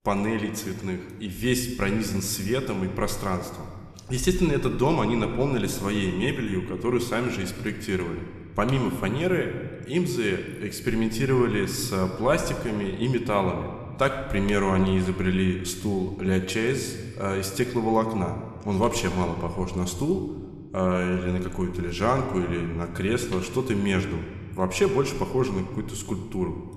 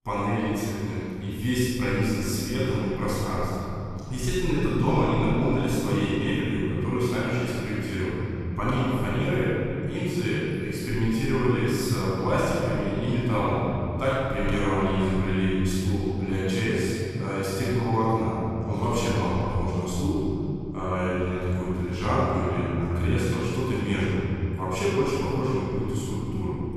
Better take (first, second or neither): first